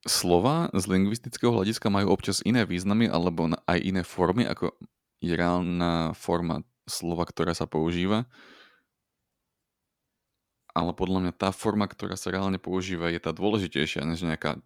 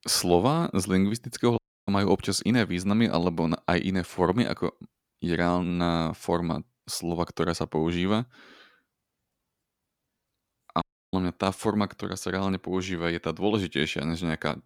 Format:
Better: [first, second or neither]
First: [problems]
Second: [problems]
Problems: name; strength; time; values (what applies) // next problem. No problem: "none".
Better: first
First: none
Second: audio cutting out; at 1.5 s and at 11 s